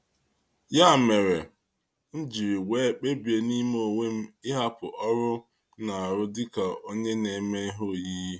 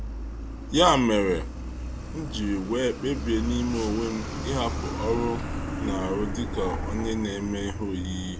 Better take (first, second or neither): first